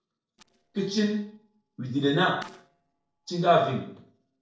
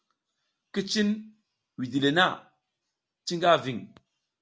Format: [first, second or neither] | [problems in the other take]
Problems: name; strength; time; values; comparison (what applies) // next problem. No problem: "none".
second | noise reduction (neural separator model SepFormer DNS4)